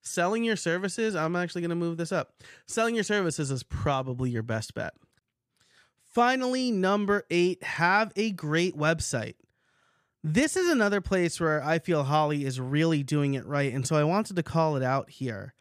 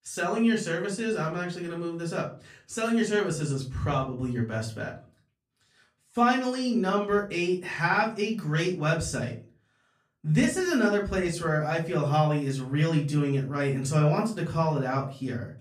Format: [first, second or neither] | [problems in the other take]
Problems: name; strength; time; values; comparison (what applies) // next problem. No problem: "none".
first | off-mic speech; far // room echo; slight; dies away in 0.3 s